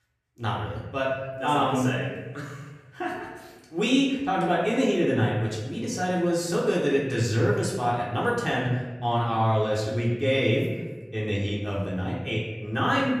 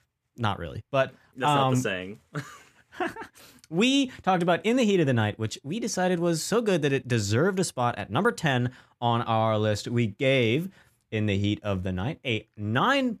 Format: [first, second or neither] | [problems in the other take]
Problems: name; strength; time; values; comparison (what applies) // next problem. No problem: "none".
second | off-mic speech; far // room echo; noticeable; dies away in 1 s